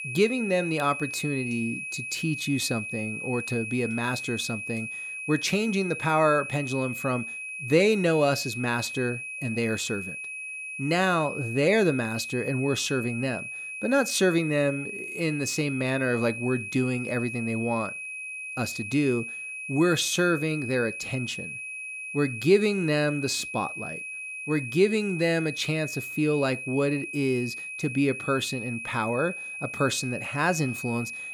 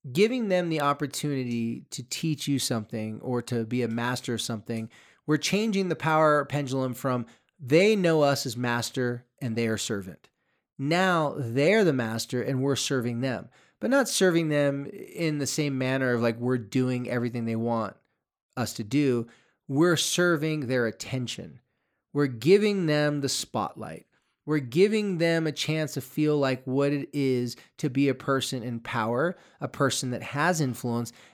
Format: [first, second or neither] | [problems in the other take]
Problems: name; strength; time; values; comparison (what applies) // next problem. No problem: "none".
second | high-pitched whine; loud; throughout; 2.5 kHz, 7 dB below the speech